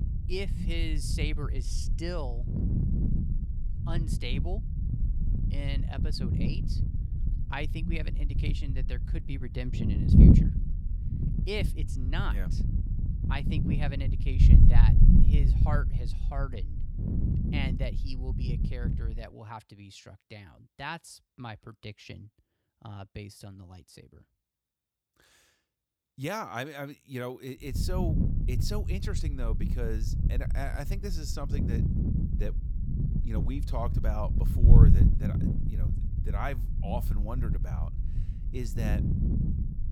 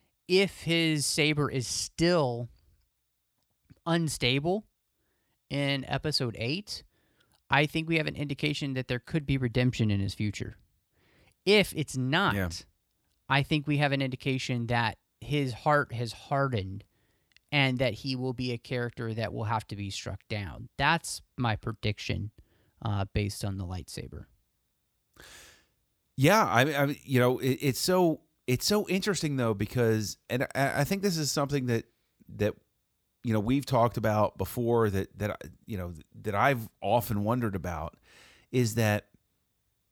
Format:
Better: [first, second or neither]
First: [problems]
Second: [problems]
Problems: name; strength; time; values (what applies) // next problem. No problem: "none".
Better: second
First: wind noise on the microphone; heavy; until 19 s and from 28 s on; 1 dB below the speech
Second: none